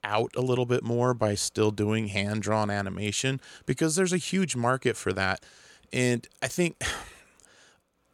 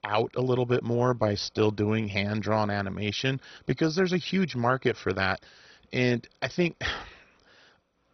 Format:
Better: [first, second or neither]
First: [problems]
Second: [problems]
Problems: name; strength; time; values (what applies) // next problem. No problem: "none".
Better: first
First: none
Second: garbled, watery; badly; nothing above 6 kHz